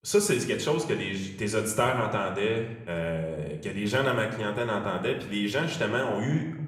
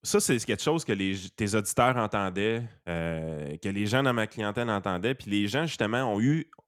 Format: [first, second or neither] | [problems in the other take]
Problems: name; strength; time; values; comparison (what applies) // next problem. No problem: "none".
second | room echo; slight; dies away in 0.8 s // off-mic speech; somewhat distant